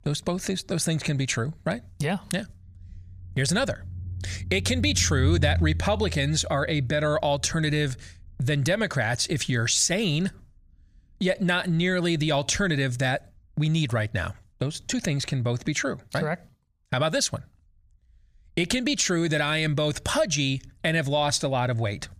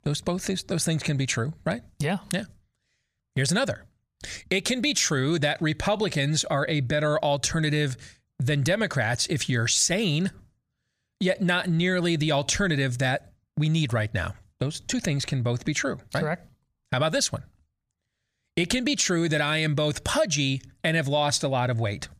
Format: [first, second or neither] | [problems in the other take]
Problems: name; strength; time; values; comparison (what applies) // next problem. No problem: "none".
second | low rumble; faint; throughout; 20 dB below the speech